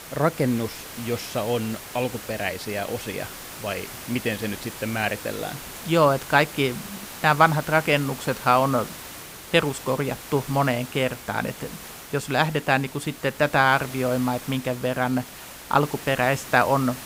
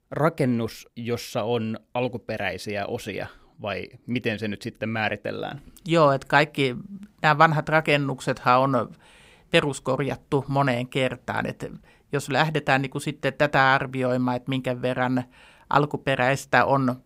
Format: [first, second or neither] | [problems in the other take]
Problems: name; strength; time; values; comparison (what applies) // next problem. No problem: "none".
second | hiss; noticeable; throughout; 15 dB below the speech